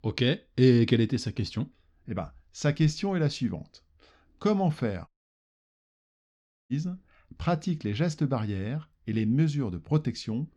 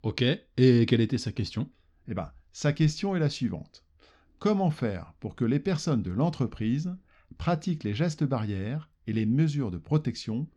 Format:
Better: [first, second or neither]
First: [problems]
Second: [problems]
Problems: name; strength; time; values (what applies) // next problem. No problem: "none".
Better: second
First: audio cutting out; at 5 s for 1.5 s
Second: none